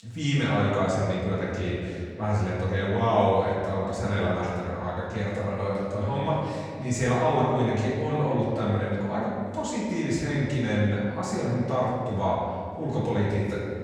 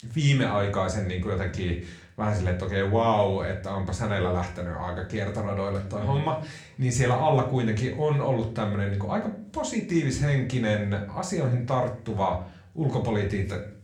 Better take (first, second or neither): second